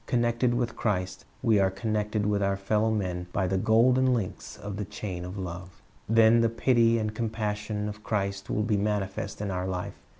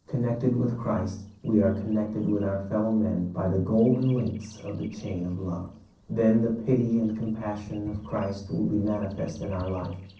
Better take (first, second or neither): first